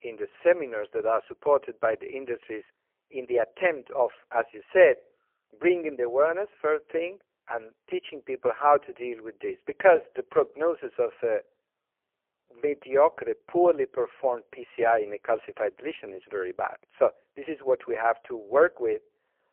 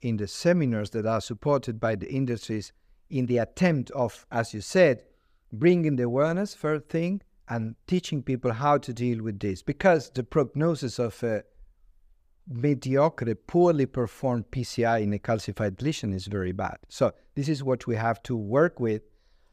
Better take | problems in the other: second | phone-call audio; poor line

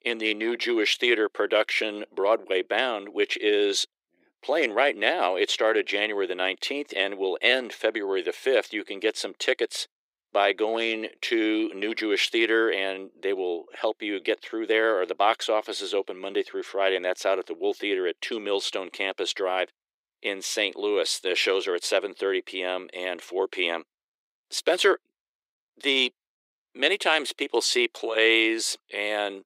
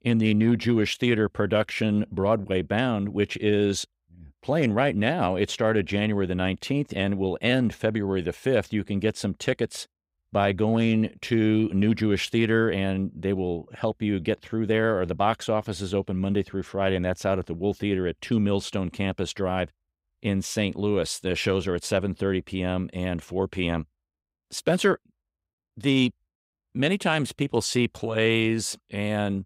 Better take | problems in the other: second | thin; very; fading below 350 Hz

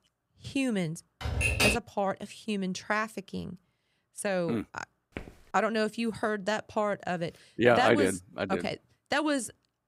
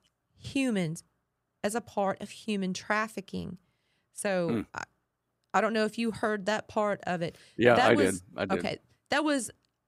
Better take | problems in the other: second | keyboard typing; loud; at 1 s; peak 5 dB above the speech // footsteps; faint; at 5 s; peak 15 dB below the speech

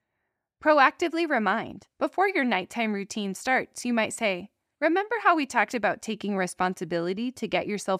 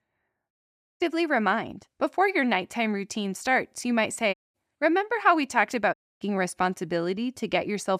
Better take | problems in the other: first | audio cutting out; at 0.5 s, at 4.5 s and at 6 s

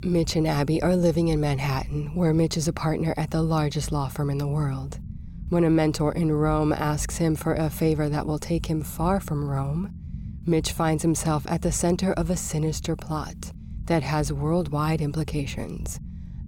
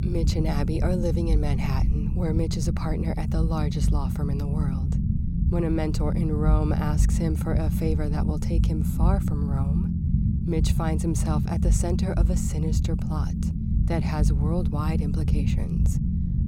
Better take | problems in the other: first | low rumble; loud; throughout; 4 dB below the speech; faint in the first

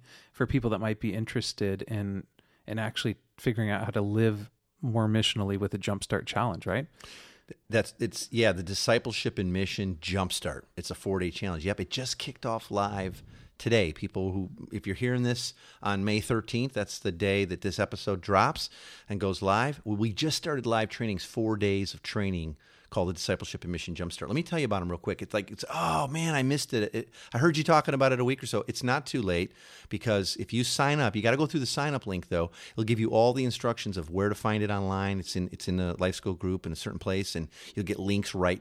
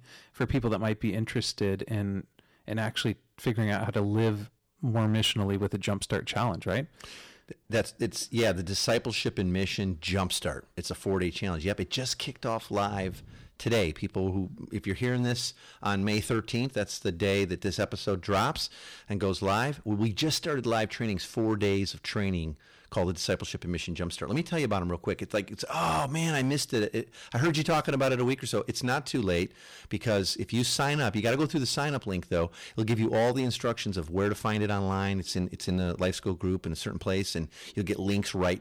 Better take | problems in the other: first | distortion; slight; 6% of the sound clipped

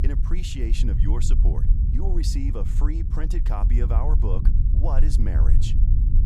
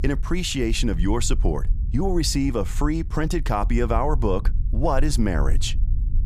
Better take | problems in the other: second | low rumble; loud; throughout; 5 dB below the speech; faint in the second

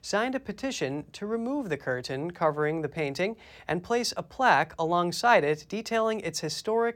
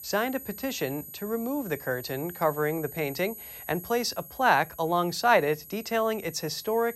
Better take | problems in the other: first | high-pitched whine; noticeable; throughout; 12 kHz, 15 dB below the speech

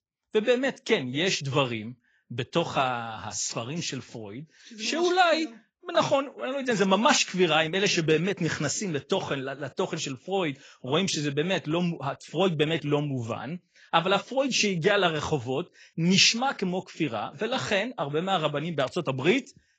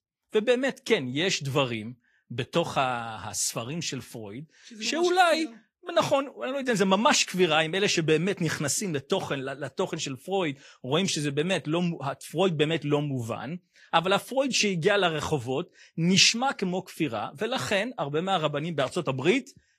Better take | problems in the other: second | garbled, watery; badly; nothing above 7.5 kHz; slightly in the second

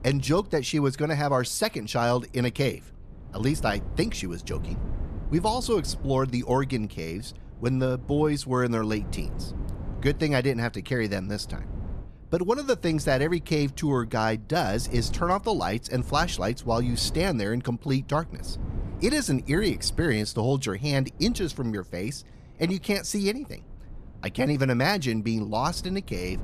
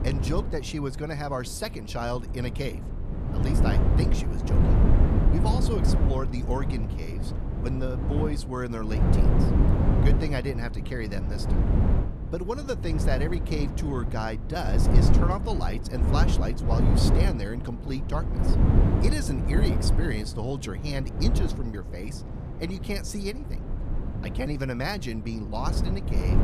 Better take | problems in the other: first | wind noise on the microphone; heavy; 2 dB below the speech; occasional gusts in the first

